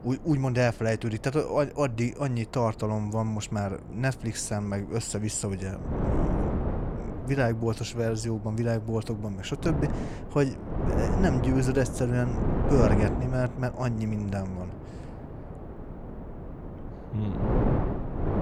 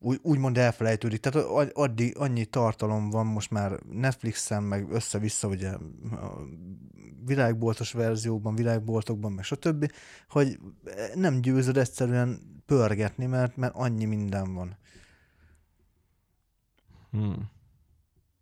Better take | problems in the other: second | wind noise on the microphone; heavy; 5 dB below the speech

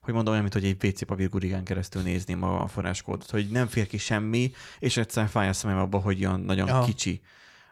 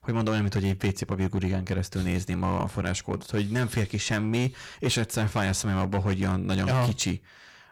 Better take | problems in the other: first | distortion; slight; 9% of the sound clipped

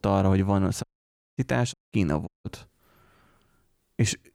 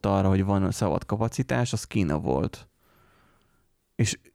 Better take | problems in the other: second | audio cutting out; at 1 s for 0.5 s, at 1.5 s and at 2.5 s

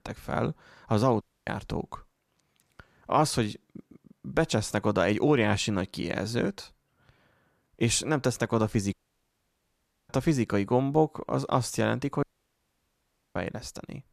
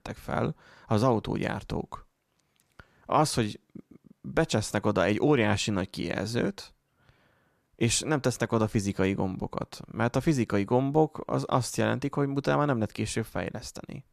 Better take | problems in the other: second | audio cutting out; at 1 s, at 9 s for 1 s and at 12 s for 1 s

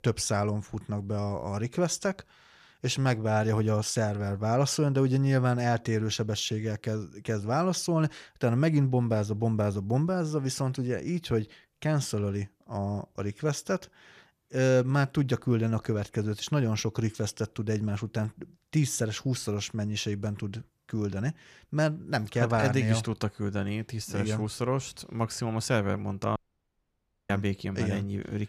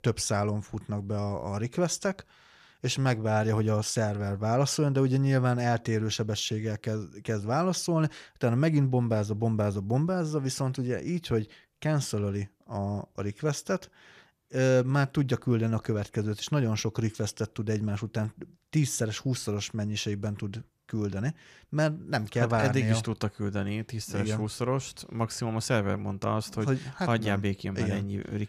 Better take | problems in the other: second | audio cutting out; at 26 s for 1 s

